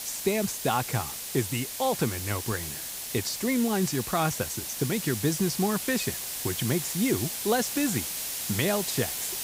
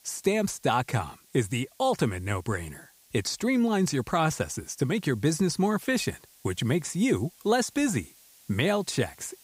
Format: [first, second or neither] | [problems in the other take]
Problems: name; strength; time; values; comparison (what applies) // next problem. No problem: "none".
second | hiss; loud; throughout; 3 dB below the speech; faint in the second